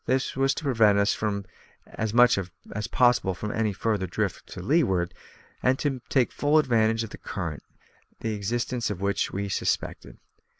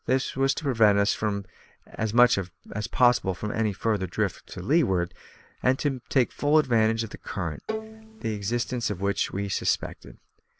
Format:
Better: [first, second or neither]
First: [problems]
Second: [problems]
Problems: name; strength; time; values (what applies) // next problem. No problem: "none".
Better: first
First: none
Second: background sound (Bowed string instrument); 11 dB below the speech